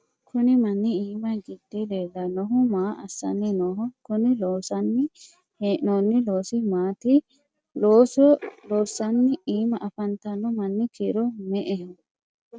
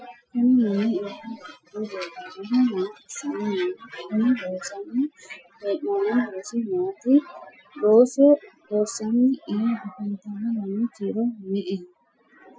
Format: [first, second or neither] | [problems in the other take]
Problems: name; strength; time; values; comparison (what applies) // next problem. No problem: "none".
first | noise reduction (classical method Wiener filter)